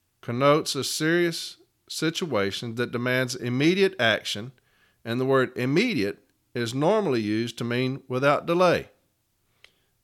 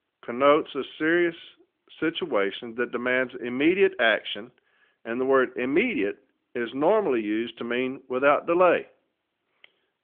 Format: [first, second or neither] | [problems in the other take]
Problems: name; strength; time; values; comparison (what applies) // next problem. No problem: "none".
first | phone-call audio; nothing above 3.5 kHz